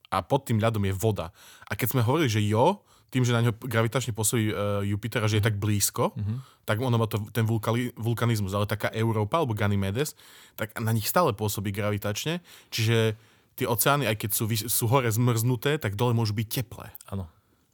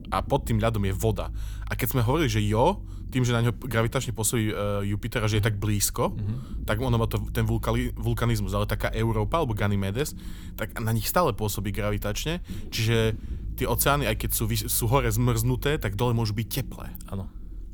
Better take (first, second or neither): first